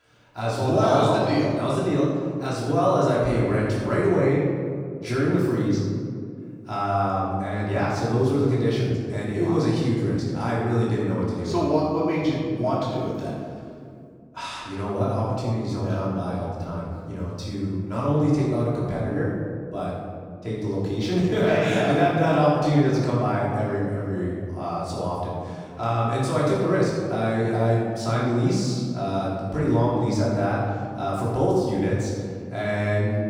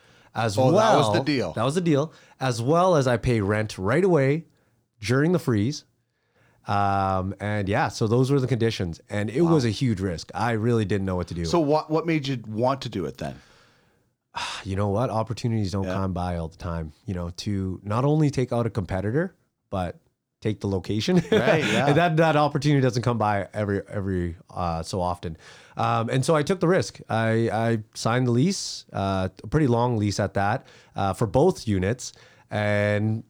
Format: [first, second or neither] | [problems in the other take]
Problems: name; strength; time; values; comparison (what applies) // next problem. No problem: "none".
second | room echo; strong; dies away in 2 s // off-mic speech; far